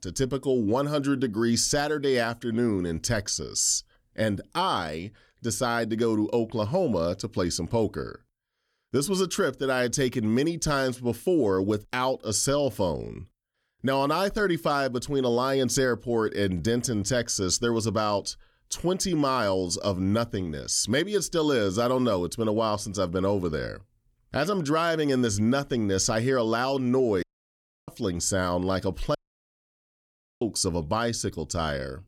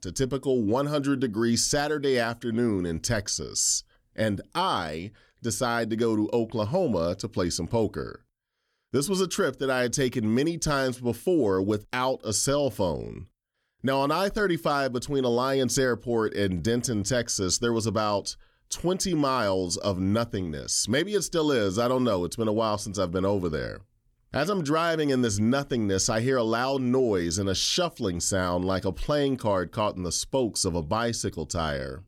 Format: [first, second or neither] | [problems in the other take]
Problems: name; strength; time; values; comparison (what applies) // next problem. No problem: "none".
second | audio cutting out; at 27 s for 0.5 s and at 29 s for 1.5 s